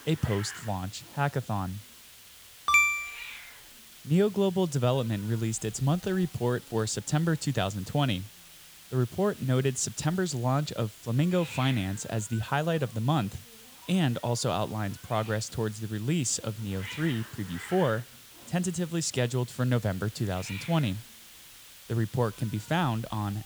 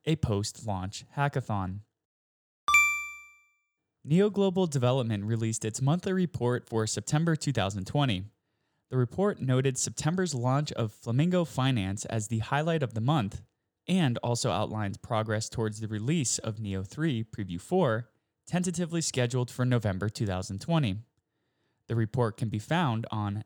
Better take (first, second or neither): second